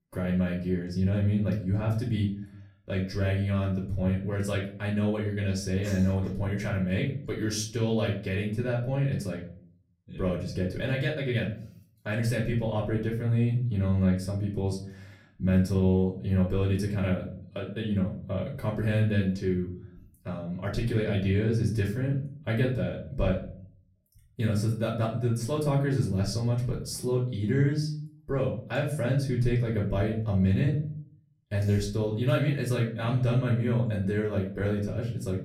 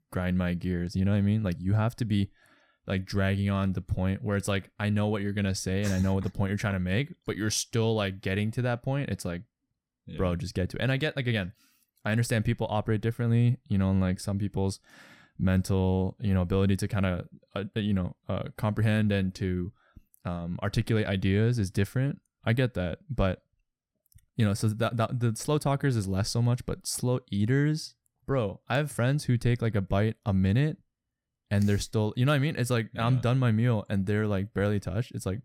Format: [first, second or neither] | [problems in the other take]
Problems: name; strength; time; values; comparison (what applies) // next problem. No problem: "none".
second | off-mic speech; far // room echo; slight; dies away in 0.5 s